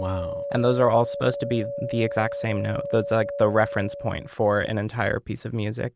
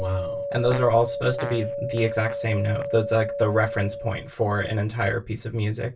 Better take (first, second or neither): first